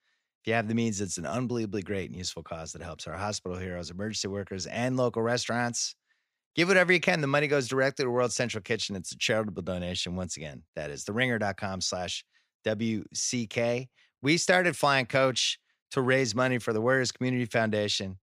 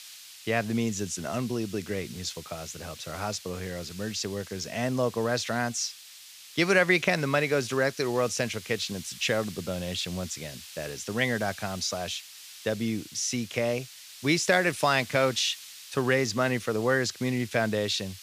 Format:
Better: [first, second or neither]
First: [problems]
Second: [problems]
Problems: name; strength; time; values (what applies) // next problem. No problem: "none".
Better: first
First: none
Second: hiss; noticeable; throughout; 15 dB below the speech